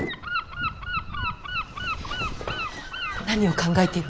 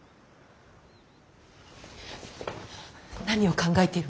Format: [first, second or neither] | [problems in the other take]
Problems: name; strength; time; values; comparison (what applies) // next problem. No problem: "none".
second | background sound (Motor vehicle (road) + Gull, seagull / Wind); 3 dB below the speech